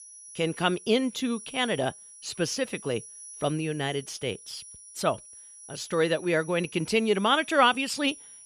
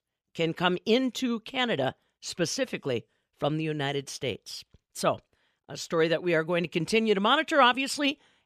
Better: second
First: high-pitched whine; noticeable; throughout; 10 kHz, 15 dB below the speech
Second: none

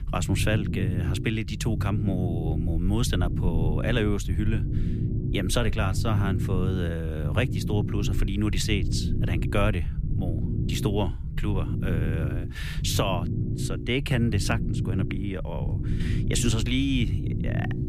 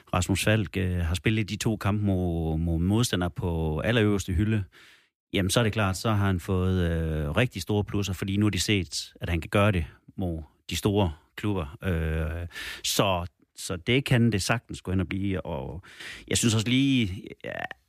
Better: second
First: low rumble; loud; throughout; 8 dB below the speech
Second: none

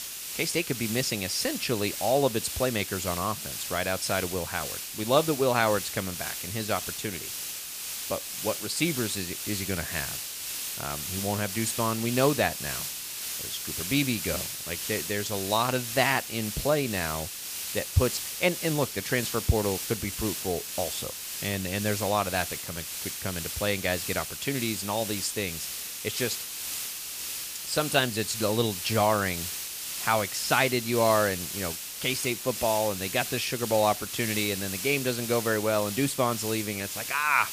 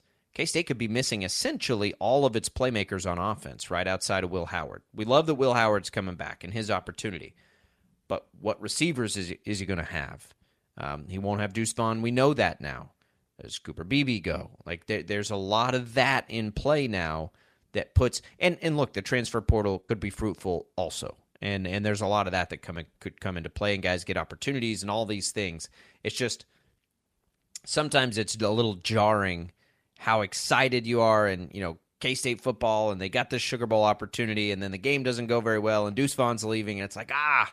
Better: second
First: hiss; loud; throughout; 4 dB below the speech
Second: none

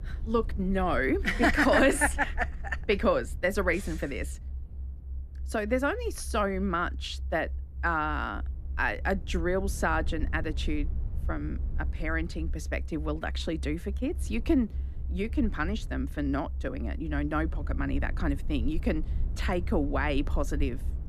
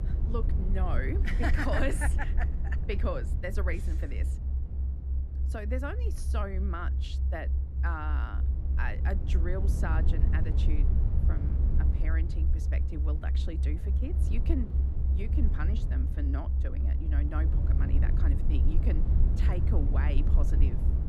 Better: first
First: low rumble; faint; throughout; 25 dB below the speech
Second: low rumble; loud; throughout; 7 dB below the speech

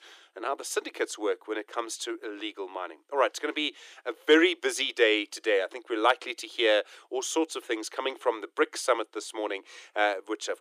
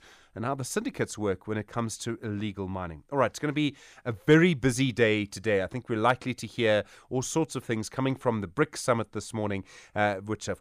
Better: second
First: thin; very; fading below 300 Hz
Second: none

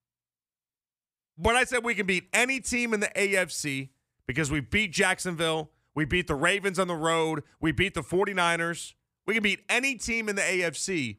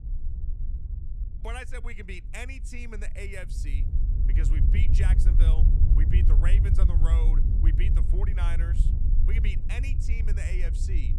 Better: first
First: none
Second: wind noise on the microphone; heavy; 3 dB below the speech

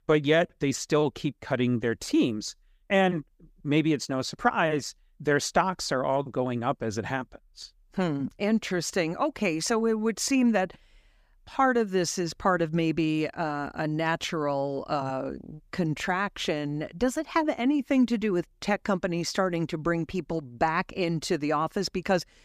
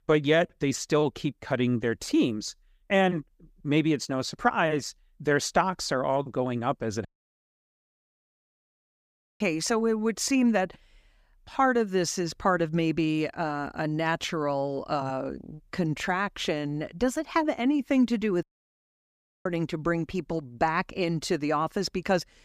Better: first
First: none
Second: audio cutting out; at 7 s for 2.5 s and at 18 s for 1 s

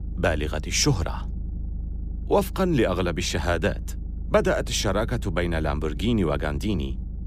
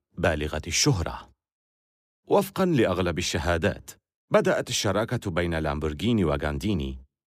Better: second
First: low rumble; faint; throughout; 25 dB below the speech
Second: none

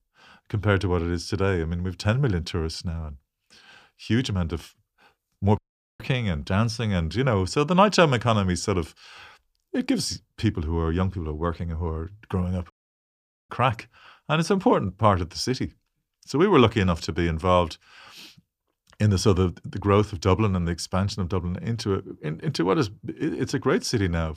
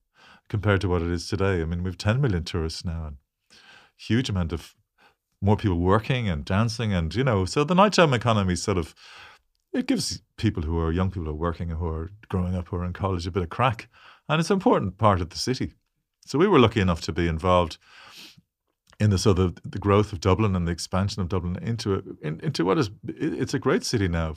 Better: second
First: audio cutting out; at 5.5 s and at 13 s for 1 s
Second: none

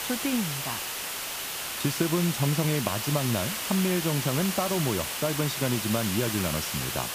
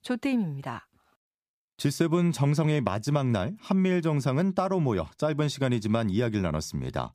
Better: second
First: hiss; loud; throughout; 2 dB below the speech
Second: none

